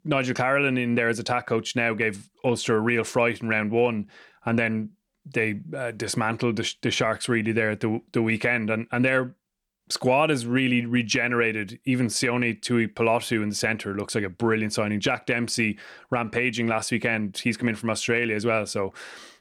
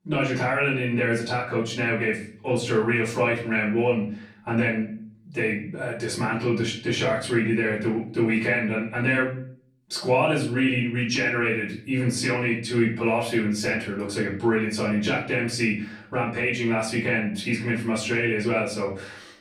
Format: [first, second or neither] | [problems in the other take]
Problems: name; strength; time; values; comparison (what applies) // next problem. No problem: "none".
first | off-mic speech; far // room echo; slight; dies away in 0.5 s